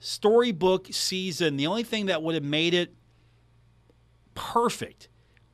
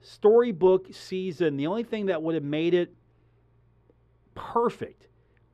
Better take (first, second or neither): first